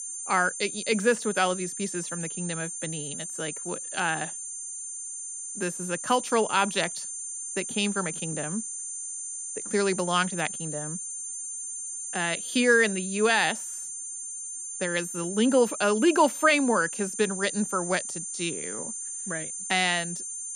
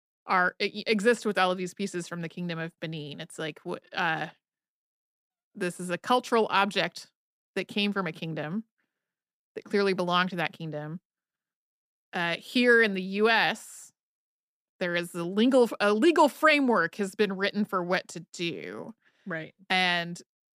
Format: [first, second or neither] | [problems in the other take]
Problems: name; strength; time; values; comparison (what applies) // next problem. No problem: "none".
second | high-pitched whine; loud; throughout; 9 kHz, 6 dB below the speech